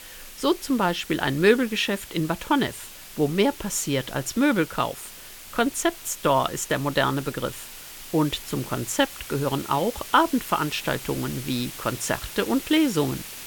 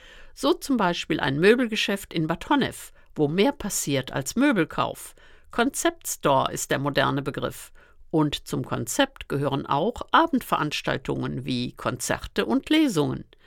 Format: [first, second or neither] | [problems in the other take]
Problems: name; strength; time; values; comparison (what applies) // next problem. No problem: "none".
second | hiss; noticeable; throughout; 15 dB below the speech